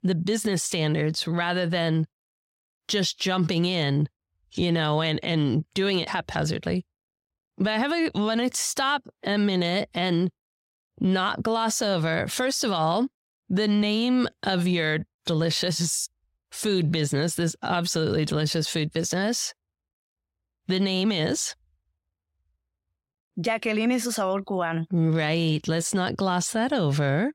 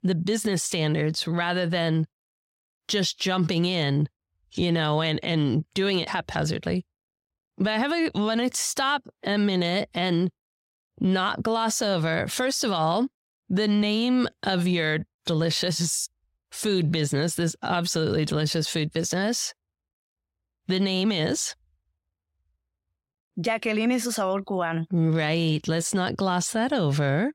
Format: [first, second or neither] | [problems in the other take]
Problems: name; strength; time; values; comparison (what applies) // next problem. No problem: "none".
neither | none